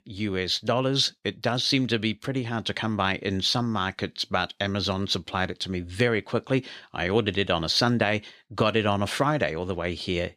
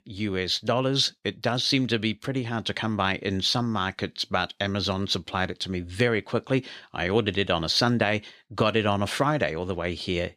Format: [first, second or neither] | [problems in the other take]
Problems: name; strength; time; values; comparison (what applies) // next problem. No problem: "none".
neither | none